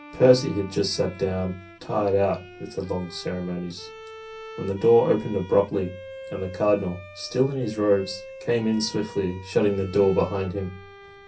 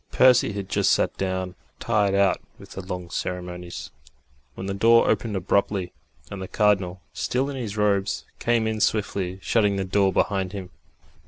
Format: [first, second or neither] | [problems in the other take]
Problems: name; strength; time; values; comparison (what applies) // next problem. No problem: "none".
second | background sound (Bowed string instrument); 18 dB below the speech // room echo; dies away in 0.3 s